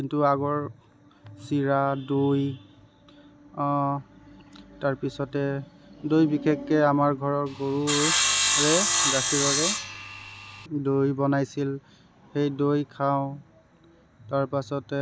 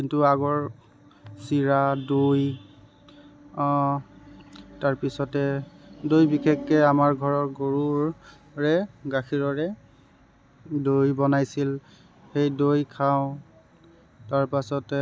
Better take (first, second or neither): second